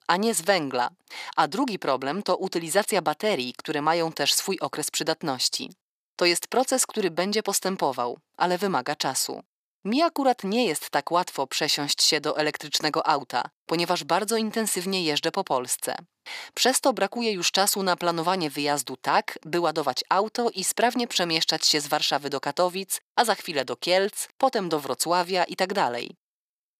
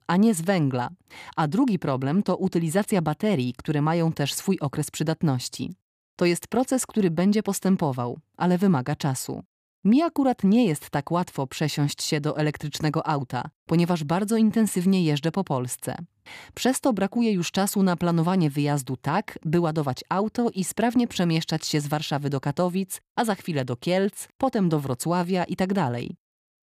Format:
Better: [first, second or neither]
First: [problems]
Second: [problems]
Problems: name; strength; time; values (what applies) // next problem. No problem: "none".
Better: second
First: thin; somewhat; fading below 450 Hz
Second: none